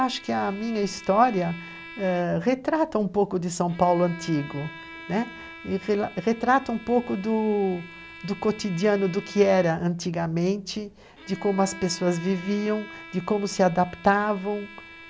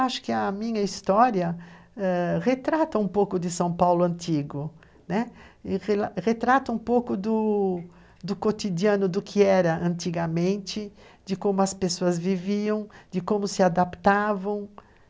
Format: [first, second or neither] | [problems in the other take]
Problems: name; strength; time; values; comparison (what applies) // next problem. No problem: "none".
second | background sound (Bowed string instrument); 18 dB below the speech